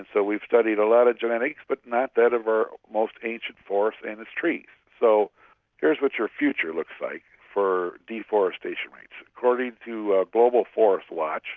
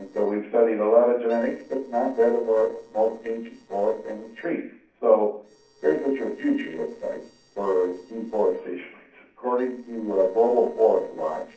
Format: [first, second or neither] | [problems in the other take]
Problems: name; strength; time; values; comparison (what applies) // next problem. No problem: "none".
first | noise reduction (neural separator model SepFormer DNS4)